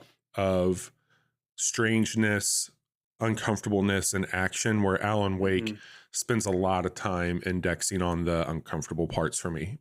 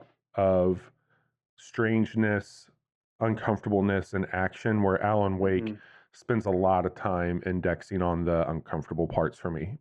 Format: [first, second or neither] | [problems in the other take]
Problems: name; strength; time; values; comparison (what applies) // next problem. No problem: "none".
first | muffled; very; fading above 1.5 kHz